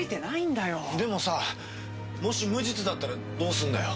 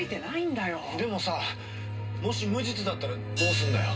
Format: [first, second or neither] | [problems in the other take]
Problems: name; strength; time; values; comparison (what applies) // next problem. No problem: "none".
first | background sound (Hi-hat); 11 dB below the speech // room echo; dies away in 0.2 s